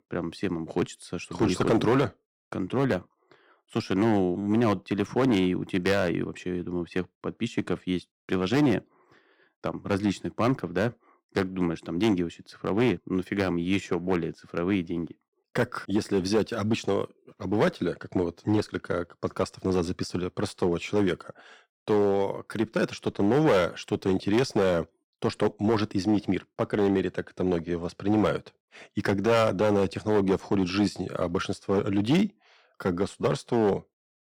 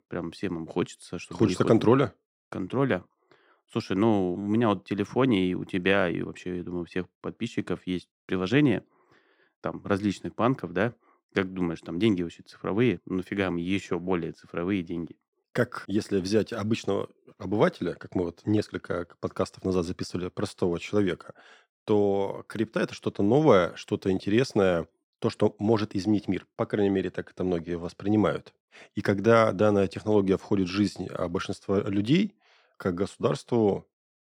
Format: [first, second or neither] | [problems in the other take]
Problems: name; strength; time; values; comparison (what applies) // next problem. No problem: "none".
second | distortion; slight; 4% of the sound clipped